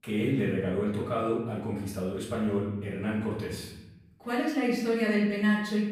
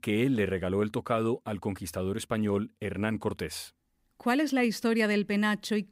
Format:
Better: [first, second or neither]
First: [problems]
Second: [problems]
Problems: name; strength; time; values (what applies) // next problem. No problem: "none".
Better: second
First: off-mic speech; far // room echo; noticeable; dies away in 0.9 s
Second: none